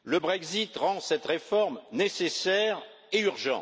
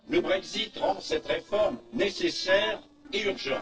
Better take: first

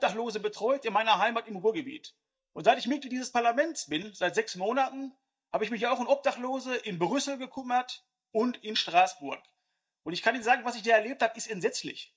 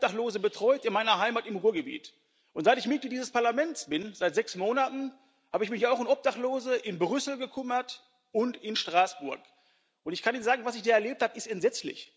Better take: second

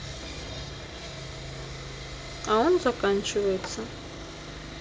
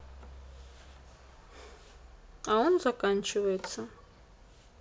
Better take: second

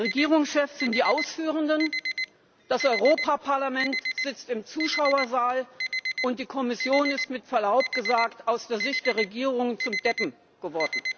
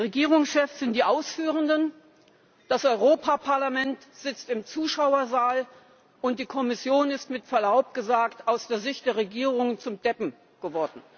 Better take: second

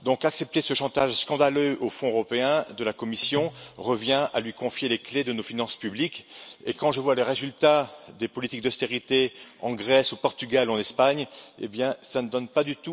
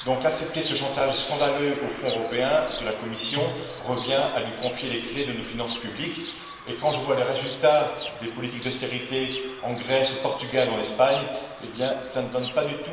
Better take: first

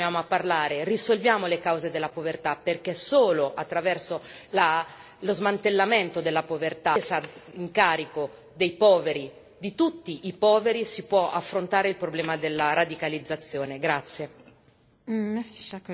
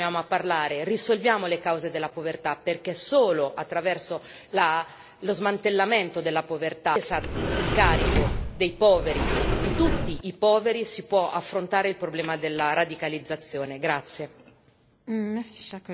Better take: first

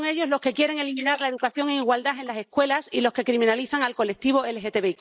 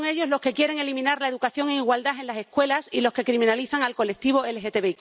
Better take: second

